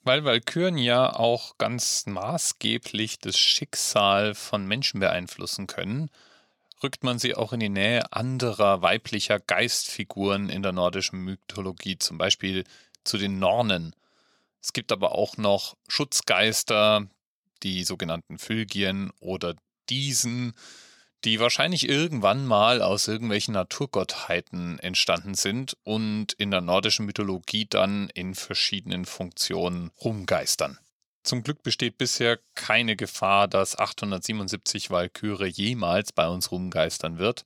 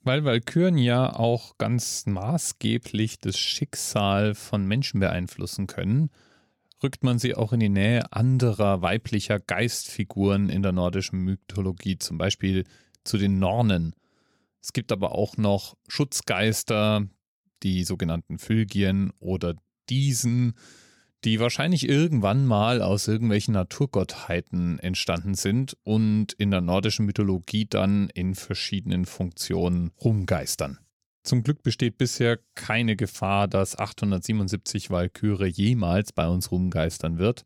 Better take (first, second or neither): second